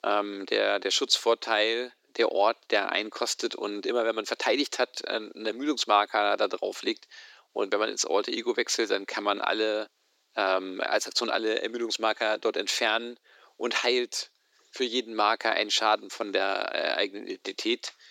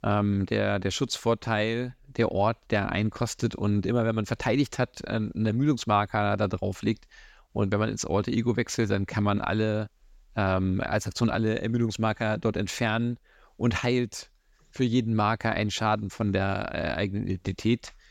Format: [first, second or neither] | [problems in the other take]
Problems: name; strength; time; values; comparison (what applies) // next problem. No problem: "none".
second | thin; very; fading below 300 Hz